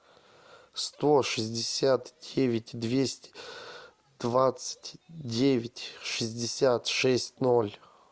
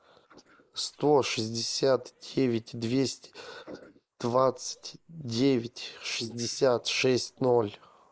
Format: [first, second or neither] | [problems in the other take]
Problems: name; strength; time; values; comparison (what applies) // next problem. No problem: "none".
first | noise reduction (neural mask model Resemble Enhance denoiser)